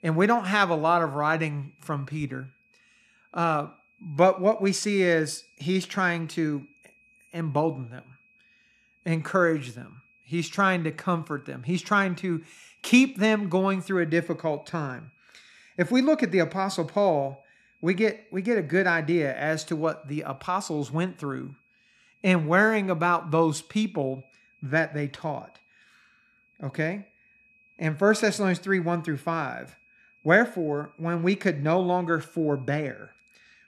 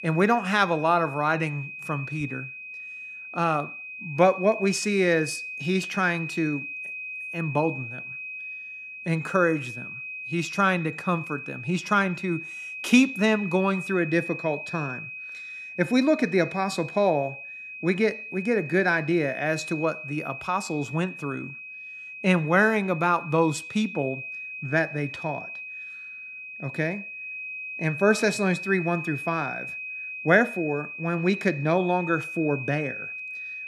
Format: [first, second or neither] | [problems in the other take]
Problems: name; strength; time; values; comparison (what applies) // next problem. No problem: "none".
first | high-pitched whine; loud; throughout; 2.5 kHz, 9 dB below the speech; faint in the first